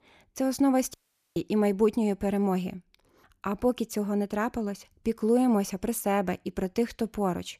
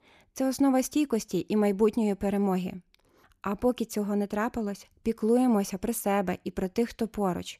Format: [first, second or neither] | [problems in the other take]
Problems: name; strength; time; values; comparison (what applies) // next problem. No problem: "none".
second | audio cutting out; at 1 s